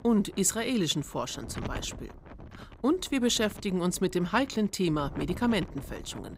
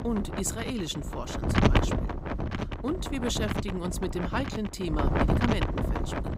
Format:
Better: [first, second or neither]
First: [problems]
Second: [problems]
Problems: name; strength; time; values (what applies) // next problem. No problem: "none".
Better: first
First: wind noise on the microphone; occasional gusts; 15 dB below the speech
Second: wind noise on the microphone; heavy; 2 dB above the speech